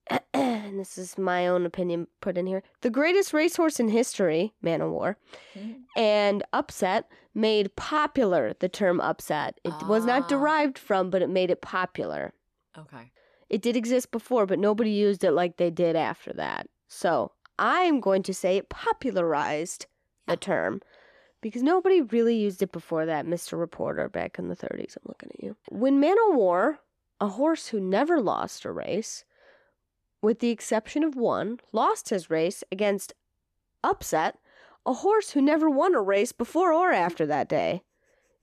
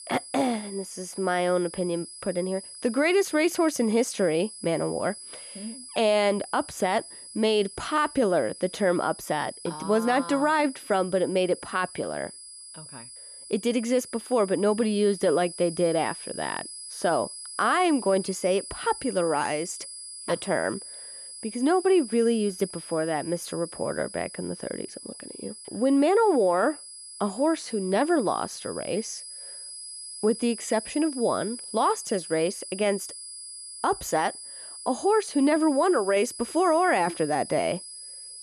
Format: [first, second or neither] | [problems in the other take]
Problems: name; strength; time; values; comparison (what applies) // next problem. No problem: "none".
first | high-pitched whine; noticeable; throughout; 10 kHz, 15 dB below the speech